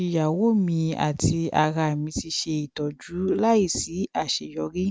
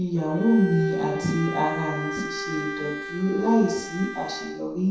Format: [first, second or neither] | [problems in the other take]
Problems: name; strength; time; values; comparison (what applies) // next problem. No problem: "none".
first | background sound (Bowed string instrument); 6 dB below the speech // room echo; dies away in 0.7 s